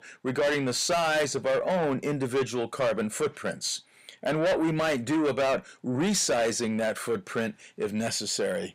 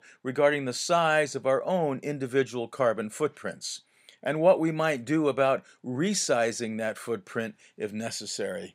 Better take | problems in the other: second | distortion; heavy; 6 dB below the speech

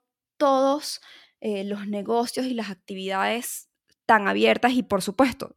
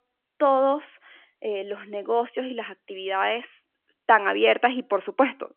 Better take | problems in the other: first | phone-call audio; nothing above 3 kHz

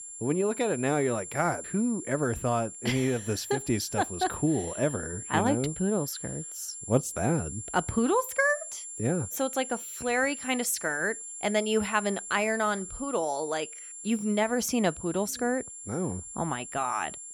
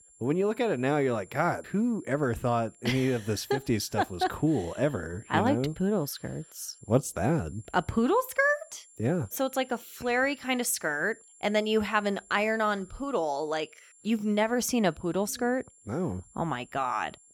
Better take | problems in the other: second | high-pitched whine; loud; throughout; 7.5 kHz, 9 dB below the speech; faint in the second

